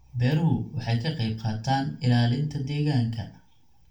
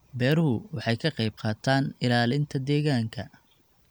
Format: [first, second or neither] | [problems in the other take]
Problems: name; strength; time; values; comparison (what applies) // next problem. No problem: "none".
second | room echo; dies away in 0.3 s